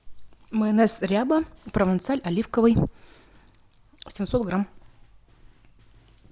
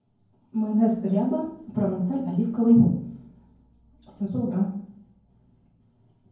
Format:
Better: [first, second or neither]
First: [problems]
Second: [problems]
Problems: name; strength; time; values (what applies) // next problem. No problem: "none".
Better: first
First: none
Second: room echo; dies away in 0.9 s